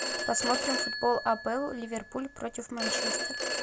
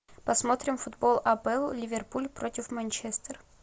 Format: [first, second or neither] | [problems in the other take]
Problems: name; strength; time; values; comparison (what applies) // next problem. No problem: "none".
second | background sound (Telephone); 2 dB below the speech